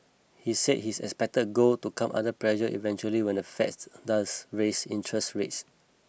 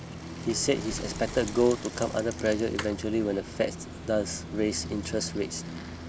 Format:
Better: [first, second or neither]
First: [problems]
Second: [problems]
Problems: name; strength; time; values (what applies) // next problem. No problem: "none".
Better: first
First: none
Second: background sound (Bicycle); 9 dB below the speech